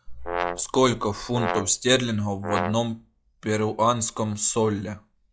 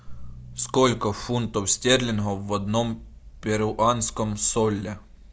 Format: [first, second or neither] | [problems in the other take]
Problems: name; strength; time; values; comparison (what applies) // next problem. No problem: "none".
second | noise reduction (classical method log-MMSE)